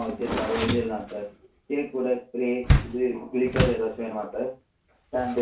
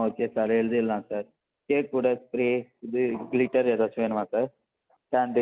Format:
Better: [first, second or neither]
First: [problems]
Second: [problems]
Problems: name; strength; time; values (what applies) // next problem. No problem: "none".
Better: second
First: background sound (Door); 2 dB below the speech // room echo; dies away in 0.2 s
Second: none